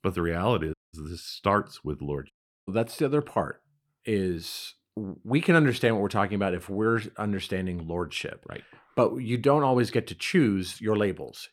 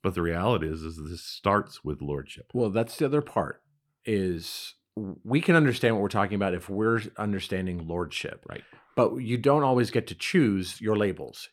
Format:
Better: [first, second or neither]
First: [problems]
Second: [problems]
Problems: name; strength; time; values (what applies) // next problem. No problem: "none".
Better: second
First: audio cutting out; at 0.5 s and at 2.5 s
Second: none